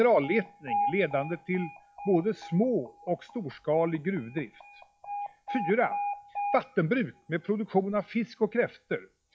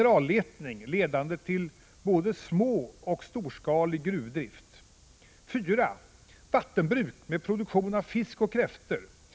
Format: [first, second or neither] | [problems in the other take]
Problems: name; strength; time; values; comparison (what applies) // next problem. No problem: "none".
second | noise reduction (classical method log-MMSE)